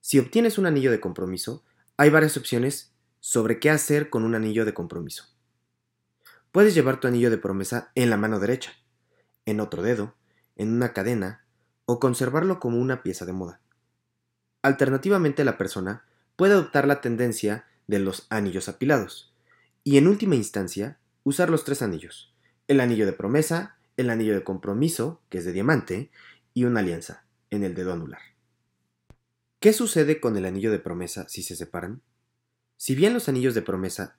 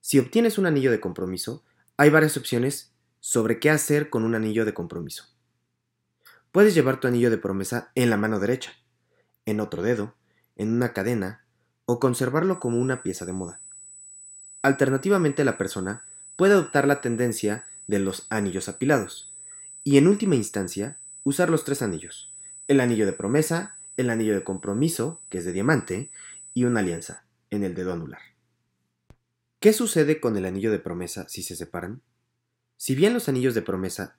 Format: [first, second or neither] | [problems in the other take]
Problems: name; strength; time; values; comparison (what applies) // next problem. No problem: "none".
first | high-pitched whine; noticeable; from 13 to 27 s; 8 kHz, 15 dB below the speech